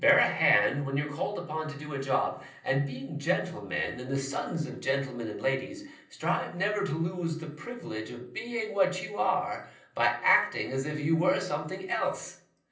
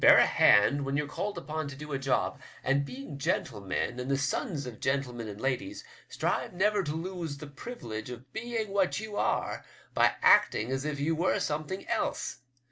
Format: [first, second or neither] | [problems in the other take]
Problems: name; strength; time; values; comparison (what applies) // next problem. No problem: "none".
second | room echo; dies away in 0.6 s